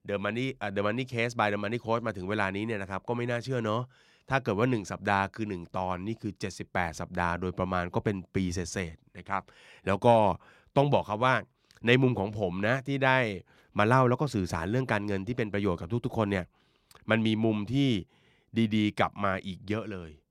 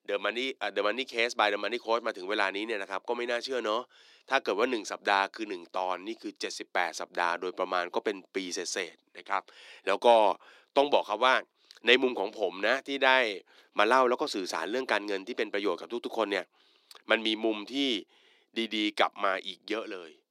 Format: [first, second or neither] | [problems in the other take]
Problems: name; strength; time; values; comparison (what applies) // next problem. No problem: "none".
first | thin; somewhat; fading below 300 Hz